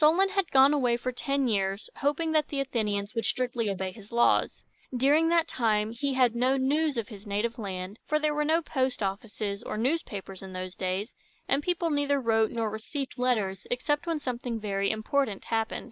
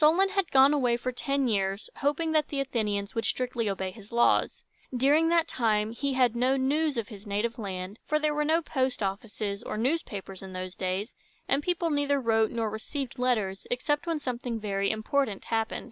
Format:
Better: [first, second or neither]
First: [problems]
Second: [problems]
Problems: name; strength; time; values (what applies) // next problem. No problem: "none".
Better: second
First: noise reduction (neural mask model Resemble Enhance denoiser)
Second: none